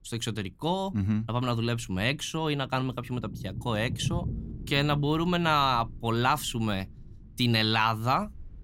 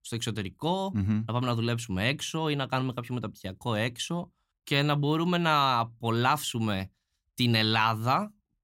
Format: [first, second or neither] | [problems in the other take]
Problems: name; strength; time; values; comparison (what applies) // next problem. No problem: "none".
second | low rumble; faint; throughout; 20 dB below the speech